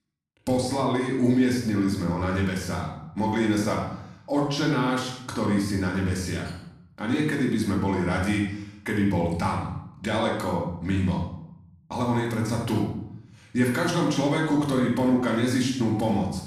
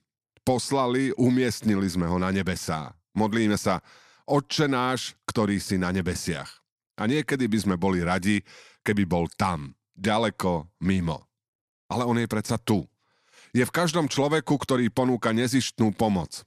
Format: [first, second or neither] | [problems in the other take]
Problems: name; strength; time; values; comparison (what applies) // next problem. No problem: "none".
second | off-mic speech; far // room echo; noticeable; dies away in 0.7 s